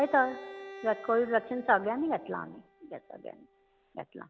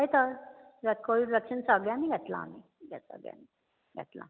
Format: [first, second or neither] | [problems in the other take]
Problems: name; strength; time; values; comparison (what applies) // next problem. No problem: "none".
second | background sound (Bowed string instrument); 19 dB below the speech